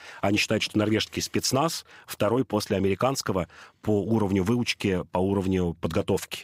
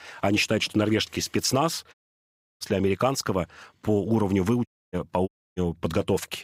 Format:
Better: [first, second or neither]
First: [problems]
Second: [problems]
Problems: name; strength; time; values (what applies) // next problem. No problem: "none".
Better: first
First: none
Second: audio cutting out; at 2 s for 0.5 s, at 4.5 s and at 5.5 s